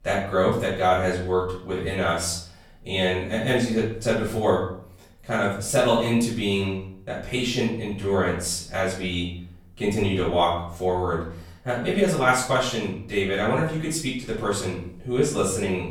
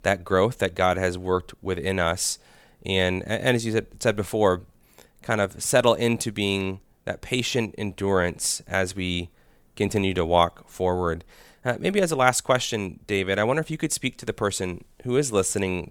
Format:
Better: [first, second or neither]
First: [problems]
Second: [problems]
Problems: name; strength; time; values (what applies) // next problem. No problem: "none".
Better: second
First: off-mic speech; far // room echo; noticeable; dies away in 0.5 s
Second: none